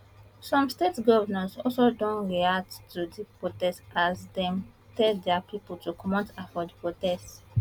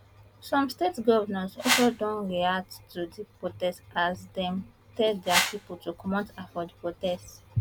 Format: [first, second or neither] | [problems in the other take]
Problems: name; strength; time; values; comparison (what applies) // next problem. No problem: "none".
first | background sound (Whoosh, swoosh, swish); 1 dB above the speech